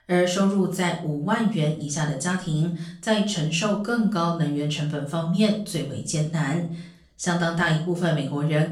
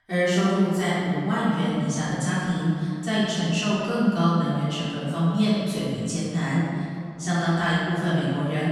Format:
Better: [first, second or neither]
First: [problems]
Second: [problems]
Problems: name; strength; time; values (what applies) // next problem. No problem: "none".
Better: first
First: room echo; slight; dies away in 0.4 s // off-mic speech; far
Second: room echo; strong; dies away in 2.2 s // off-mic speech; far